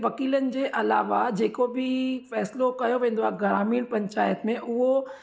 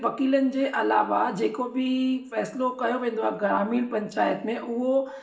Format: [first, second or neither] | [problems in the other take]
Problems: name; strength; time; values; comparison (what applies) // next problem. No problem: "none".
first | room echo; dies away in 0.5 s